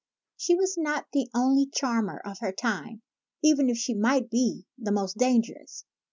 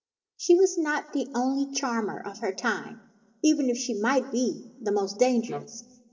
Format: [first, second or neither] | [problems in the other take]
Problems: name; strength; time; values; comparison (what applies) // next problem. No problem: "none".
first | noise reduction (neural separator model SepFormer DNS4)